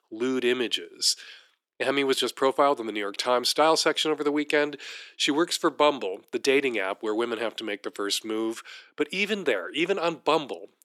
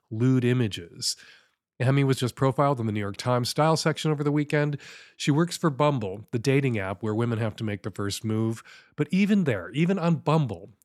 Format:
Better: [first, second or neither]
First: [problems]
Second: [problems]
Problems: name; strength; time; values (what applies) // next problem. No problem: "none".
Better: second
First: thin; somewhat; fading below 350 Hz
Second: none